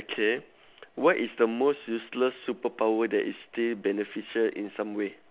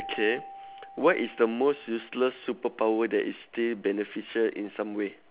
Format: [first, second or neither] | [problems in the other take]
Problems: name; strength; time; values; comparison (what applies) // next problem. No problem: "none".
first | background sound (Keyboard (musical)); 20 dB below the speech